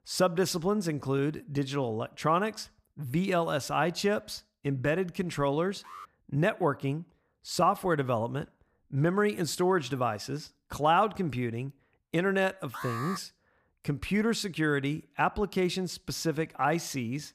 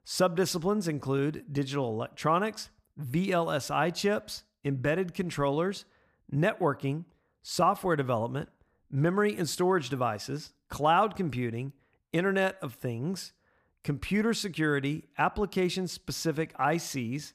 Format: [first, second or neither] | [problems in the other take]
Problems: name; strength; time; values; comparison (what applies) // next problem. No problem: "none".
second | alarm; faint; at 6 s; peak 15 dB below the speech // alarm; noticeable; at 13 s; peak 7 dB below the speech